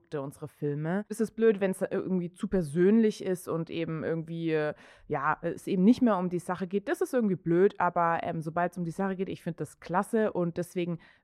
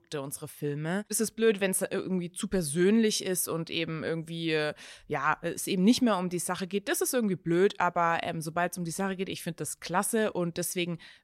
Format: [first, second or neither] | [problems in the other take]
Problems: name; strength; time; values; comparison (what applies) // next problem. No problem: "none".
second | muffled; very; fading above 2.5 kHz